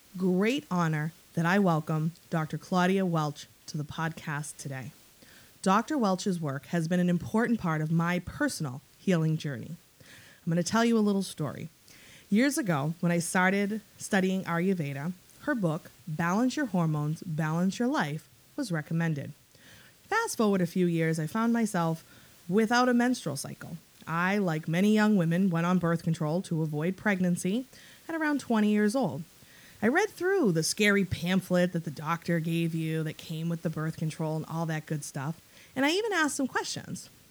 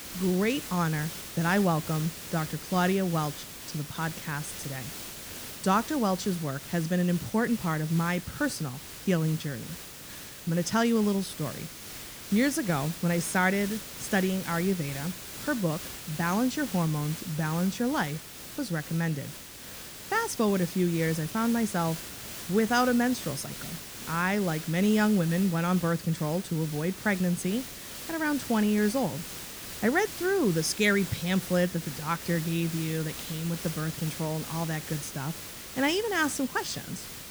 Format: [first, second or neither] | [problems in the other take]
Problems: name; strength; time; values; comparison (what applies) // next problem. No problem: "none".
first | hiss; loud; throughout; 10 dB below the speech; faint in the first